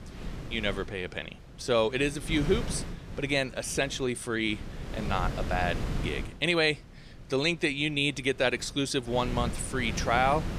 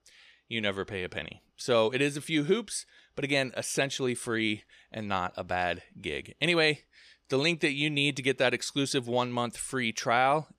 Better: second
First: wind noise on the microphone; occasional gusts; 15 dB below the speech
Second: none

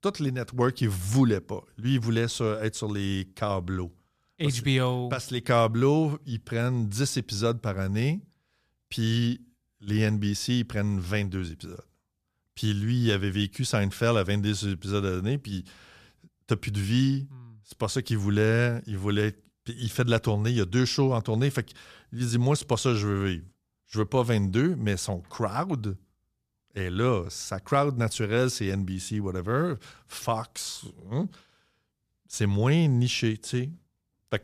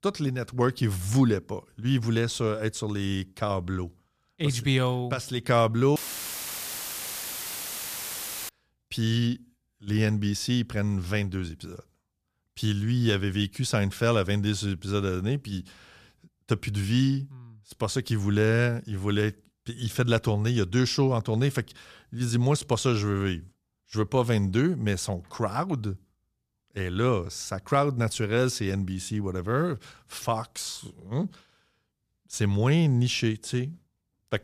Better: first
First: none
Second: audio cutting out; filled with static; at 6 s for 2.5 s

